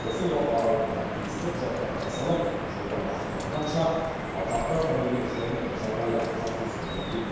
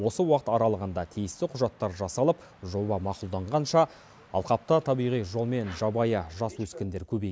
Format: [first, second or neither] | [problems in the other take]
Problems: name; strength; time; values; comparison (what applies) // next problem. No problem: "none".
second | background sound (Drip); 4 dB below the speech // room echo; dies away in 1.2 s